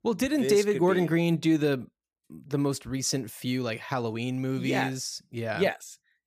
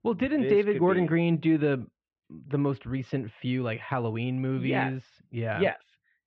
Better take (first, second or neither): first